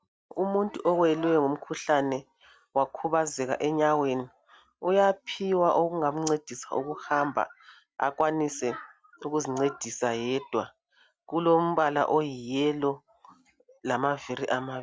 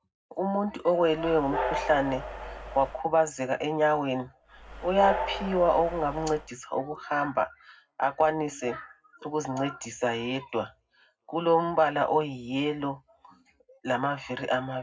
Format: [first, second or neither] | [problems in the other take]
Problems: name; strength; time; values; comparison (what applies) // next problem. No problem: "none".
first | background sound (Train); 7 dB below the speech // room echo; dies away in 0.3 s